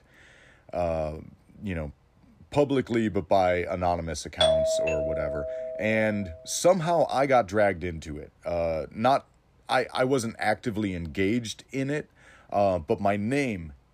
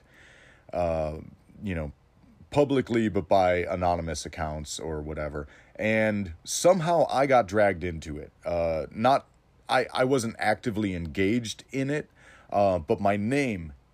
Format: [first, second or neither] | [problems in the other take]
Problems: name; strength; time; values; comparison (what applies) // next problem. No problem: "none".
second | doorbell; loud; from 4.5 to 6 s; peak 5 dB above the speech